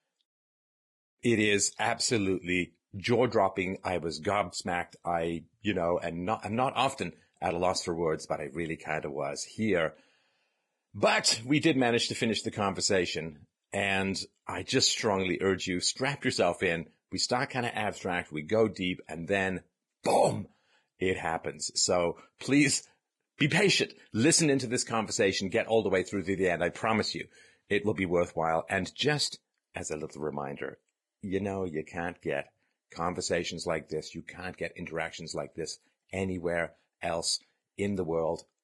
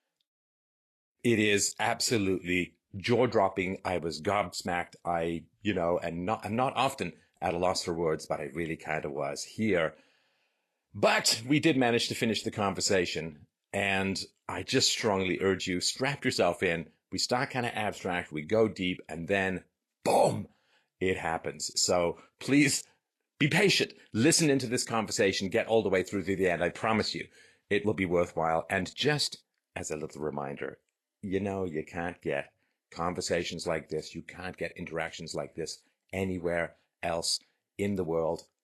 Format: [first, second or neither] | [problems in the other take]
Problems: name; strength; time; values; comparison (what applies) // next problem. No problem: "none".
second | garbled, watery; badly; nothing above 10 kHz; slightly in the second